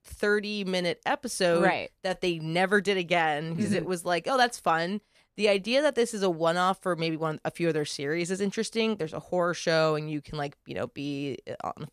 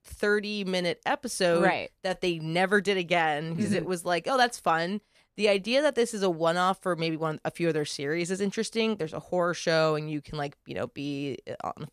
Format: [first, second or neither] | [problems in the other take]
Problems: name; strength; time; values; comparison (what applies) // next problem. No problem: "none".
neither | none